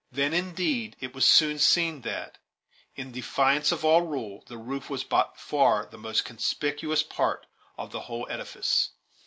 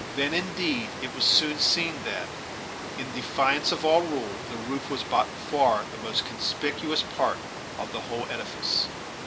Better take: first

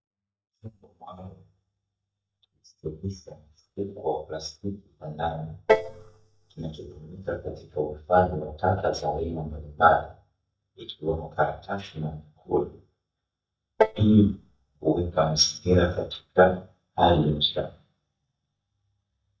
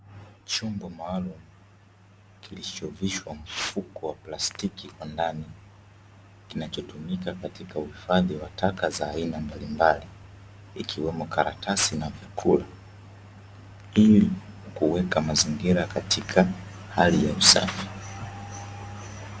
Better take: second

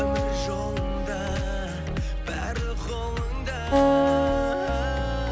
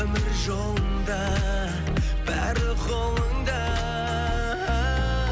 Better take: second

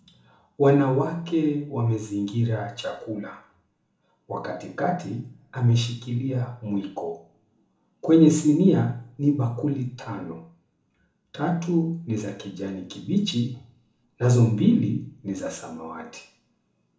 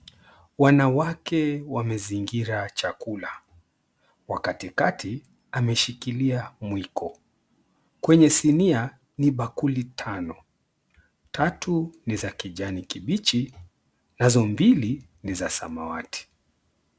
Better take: second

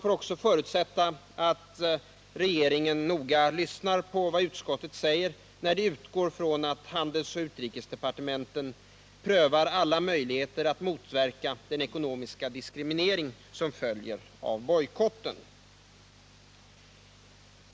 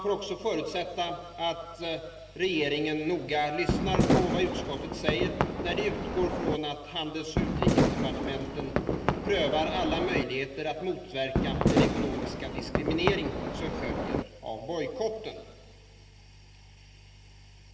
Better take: first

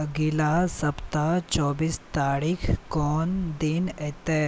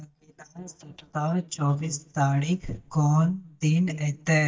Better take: first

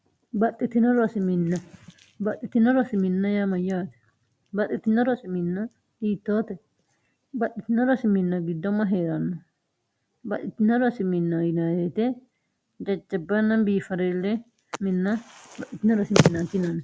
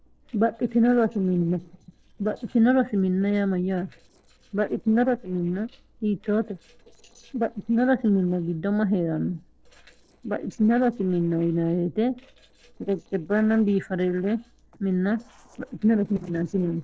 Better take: first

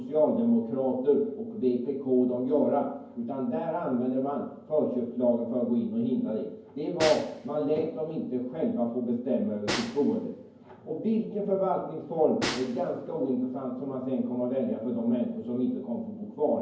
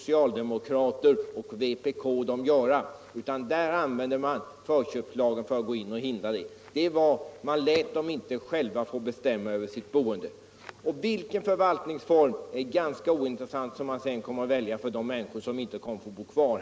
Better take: second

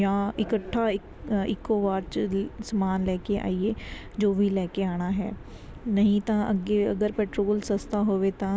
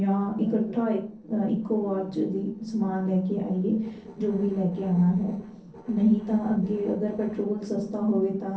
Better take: first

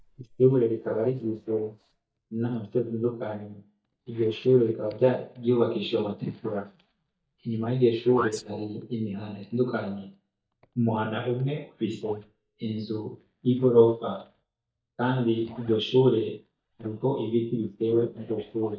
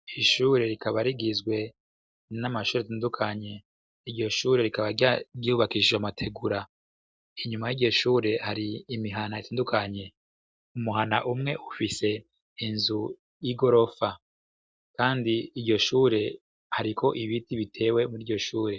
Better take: second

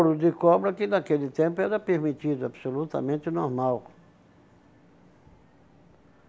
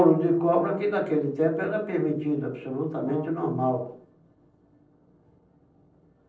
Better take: first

